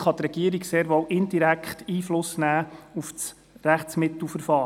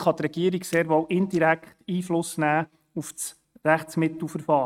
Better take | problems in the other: first | noise reduction (neural mask model RNNoise)

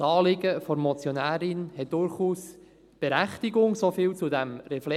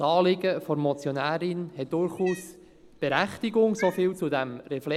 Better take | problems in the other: first | background sound (Cat); 19 dB below the speech

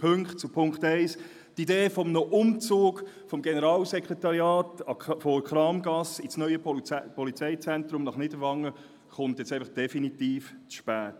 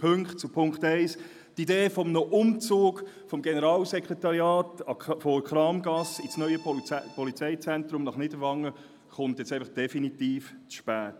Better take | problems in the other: first | background sound (Accordion); 20 dB below the speech

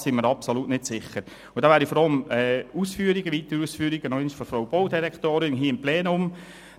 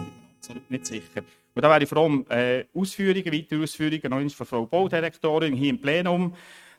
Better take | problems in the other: first | noise reduction (neural mask model RNNoise)

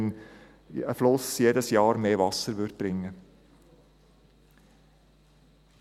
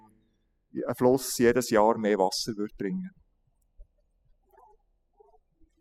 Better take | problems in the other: first | noise reduction (classical method spectral subtraction)

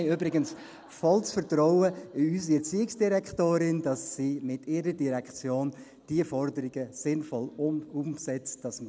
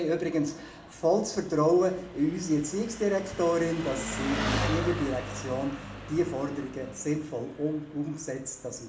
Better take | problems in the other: first | background sound (Engine); 8 dB below the speech // room echo; dies away in 0.5 s

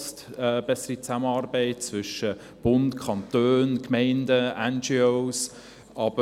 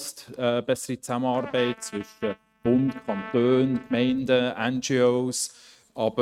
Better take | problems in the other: first | noise reduction (neural mask model RNNoise)

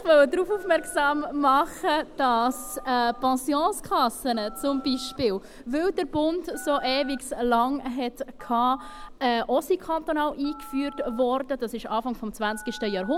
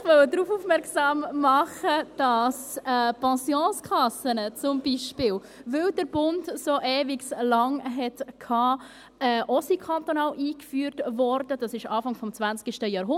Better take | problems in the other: second | background sound (Telephone); 18 dB below the speech

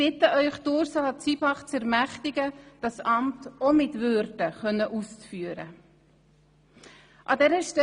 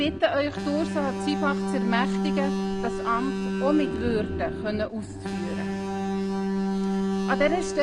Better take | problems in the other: first | background sound (Alarm); as loud as the speech

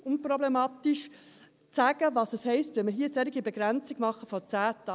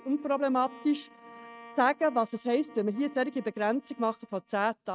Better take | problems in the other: first | noise reduction (neural mask model RNNoise)

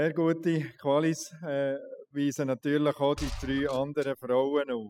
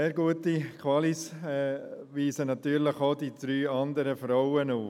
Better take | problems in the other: second | noise reduction (classical method spectral subtraction)

